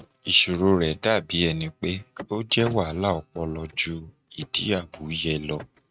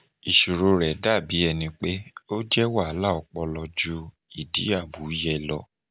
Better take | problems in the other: second | noise reduction (neural mask model RNNoise)

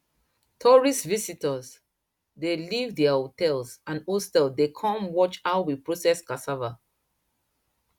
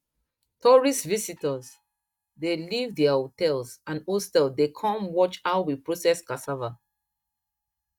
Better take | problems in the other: first | noise reduction (neural mask model DeepFilterNet 3)

